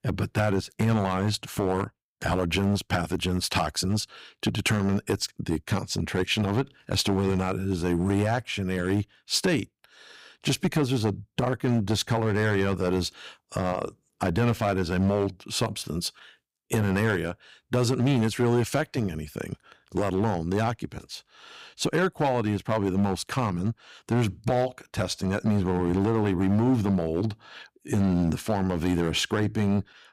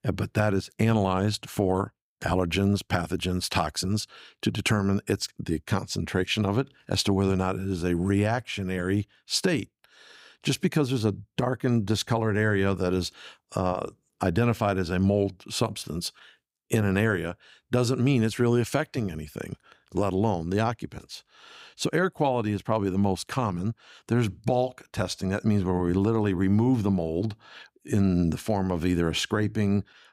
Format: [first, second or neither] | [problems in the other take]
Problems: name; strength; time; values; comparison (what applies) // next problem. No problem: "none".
second | distortion; slight; 5% of the sound clipped